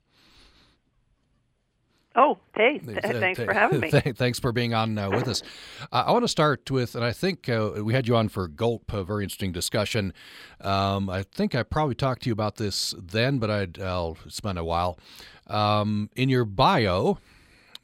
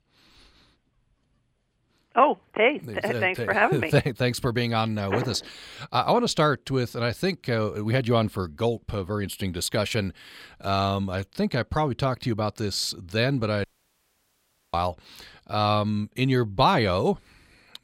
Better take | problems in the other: first | audio cutting out; at 14 s for 1 s

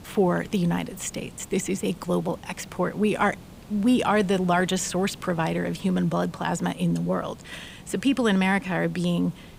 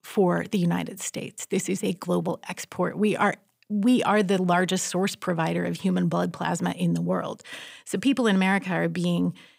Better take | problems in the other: second | hiss; faint; throughout; 20 dB below the speech

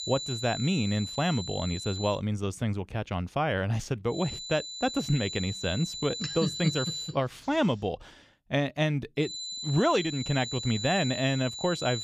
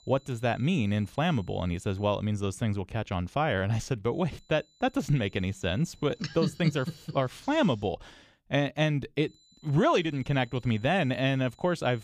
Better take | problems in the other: second | high-pitched whine; loud; until 2 s, from 4 to 7 s and from 9 s on; 4 kHz, 6 dB below the speech; faint in the second

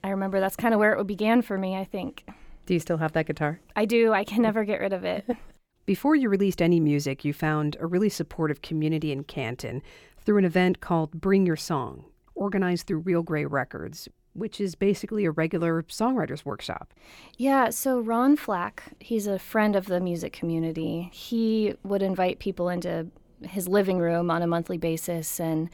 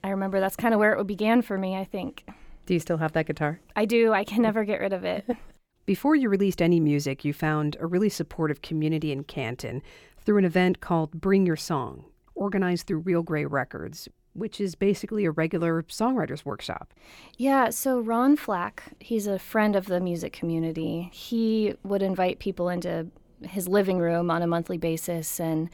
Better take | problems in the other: neither | none

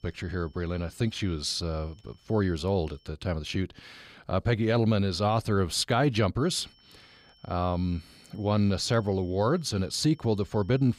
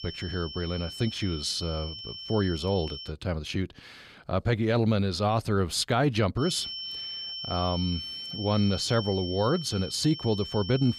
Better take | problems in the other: first | high-pitched whine; loud; until 3 s and from 6.5 s on; 3 kHz, 8 dB below the speech; faint in the first

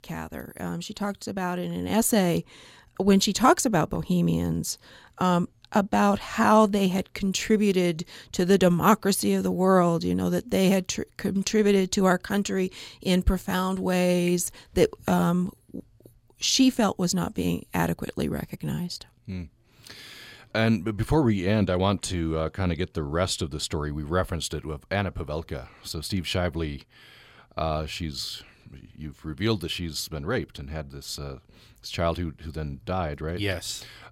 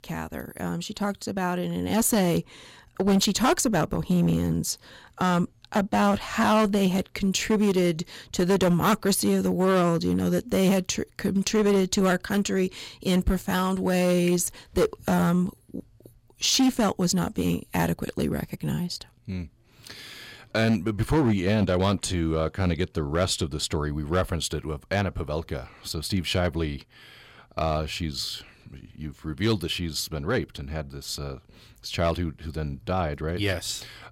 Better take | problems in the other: first | distortion; slight; 5% of the sound clipped

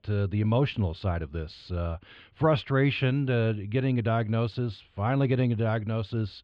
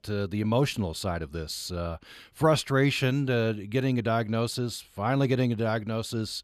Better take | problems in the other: second | muffled; slightly; fading above 3 kHz

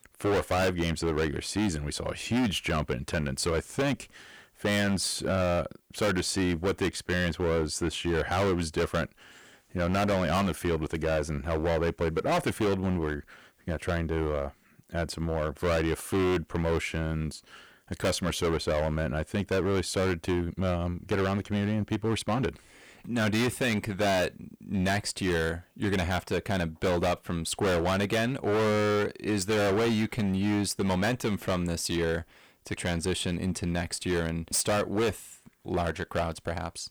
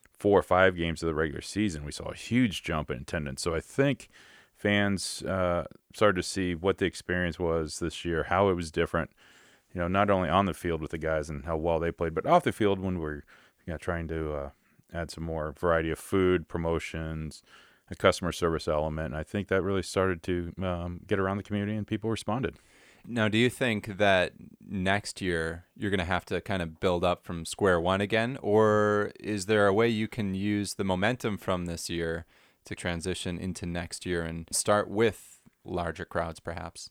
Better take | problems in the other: second | distortion; heavy; 15% of the sound clipped

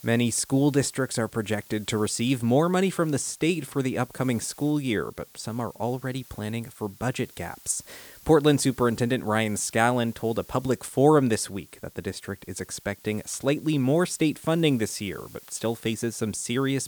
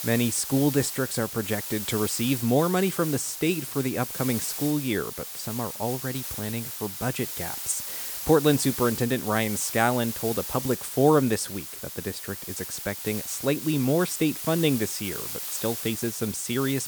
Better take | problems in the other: first | hiss; loud; throughout; 6 dB below the speech; faint in the first

